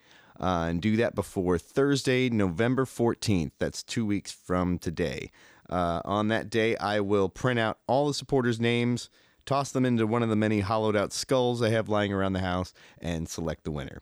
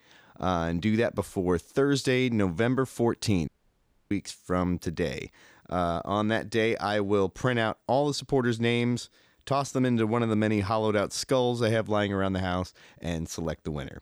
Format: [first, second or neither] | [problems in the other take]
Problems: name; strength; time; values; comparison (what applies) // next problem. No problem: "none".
first | audio cutting out; at 3.5 s for 0.5 s